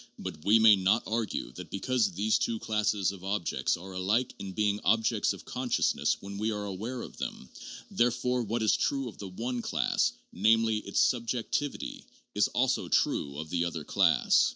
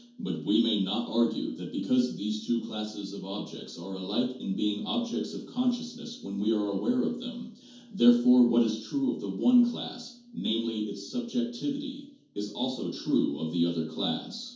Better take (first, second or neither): first